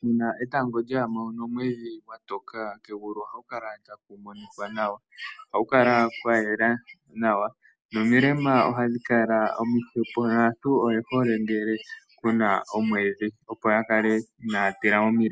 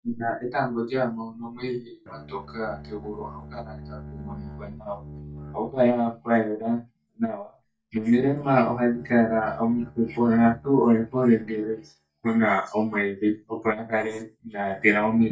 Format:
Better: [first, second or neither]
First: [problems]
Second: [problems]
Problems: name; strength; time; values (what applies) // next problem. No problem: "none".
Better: first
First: none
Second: noise reduction (neural mask model DeepFilterNet 3)